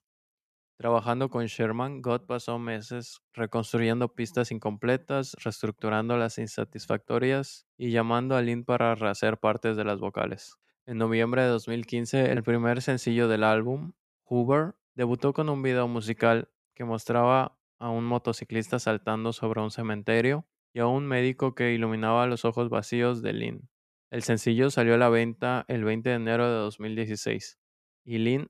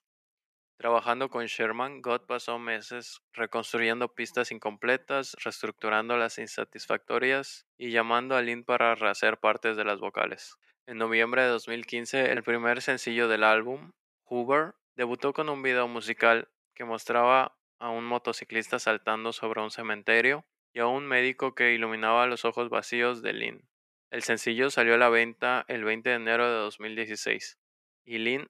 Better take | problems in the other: first | thin; somewhat; fading below 350 Hz

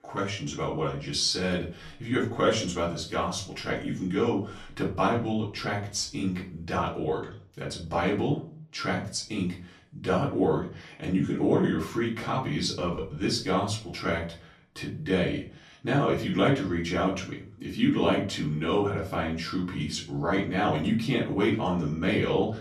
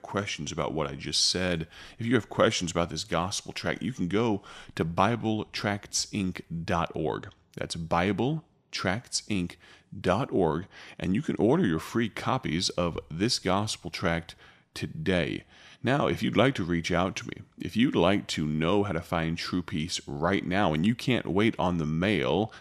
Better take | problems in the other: second | off-mic speech; far // room echo; slight; dies away in 0.3 s

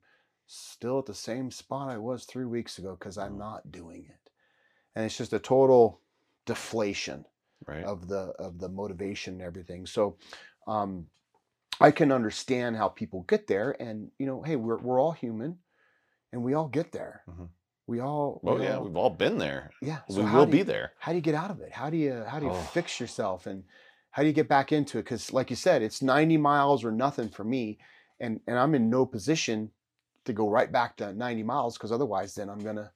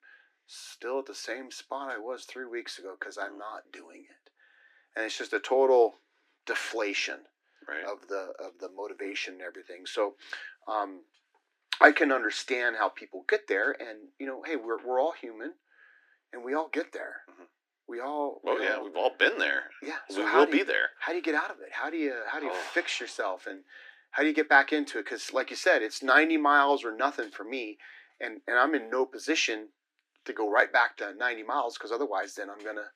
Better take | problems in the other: first | thin; somewhat; fading below 300 Hz

